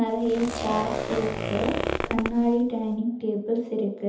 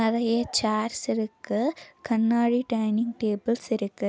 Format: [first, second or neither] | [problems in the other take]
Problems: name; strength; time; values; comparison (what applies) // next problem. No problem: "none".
second | background sound (Zipper (clothing)); 5 dB below the speech // room echo; dies away in 0.8 s